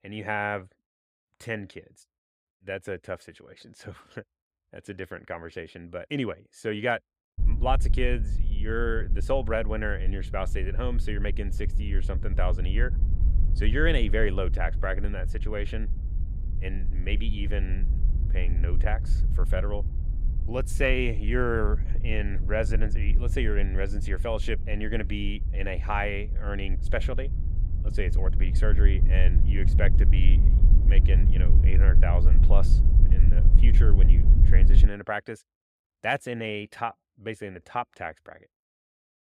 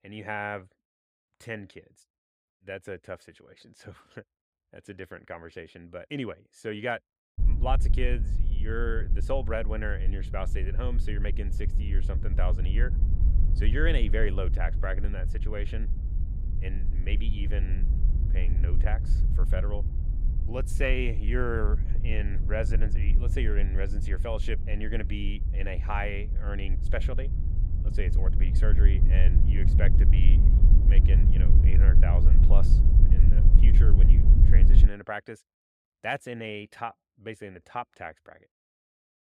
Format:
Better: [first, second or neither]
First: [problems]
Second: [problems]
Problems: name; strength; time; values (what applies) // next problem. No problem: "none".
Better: first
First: wind noise on the microphone; occasional gusts; from 7.5 to 35 s; 15 dB below the speech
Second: wind noise on the microphone; heavy; from 7.5 to 35 s; 8 dB below the speech